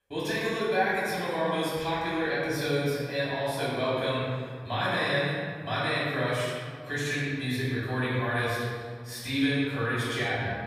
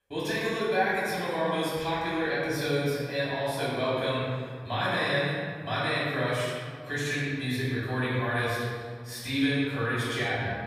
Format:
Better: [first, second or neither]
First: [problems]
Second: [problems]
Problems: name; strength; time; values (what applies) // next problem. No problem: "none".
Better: neither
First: off-mic speech; far // room echo; strong; dies away in 1.9 s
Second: off-mic speech; far // room echo; strong; dies away in 1.9 s